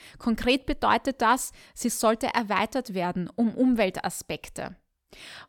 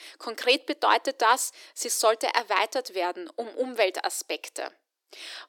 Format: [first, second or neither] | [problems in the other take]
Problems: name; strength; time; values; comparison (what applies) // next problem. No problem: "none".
first | thin; very; fading below 300 Hz